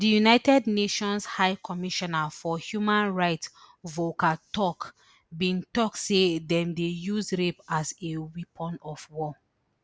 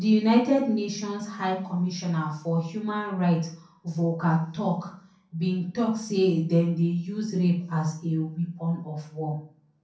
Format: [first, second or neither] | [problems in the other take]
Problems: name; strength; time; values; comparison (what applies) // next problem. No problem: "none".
first | room echo; dies away in 0.6 s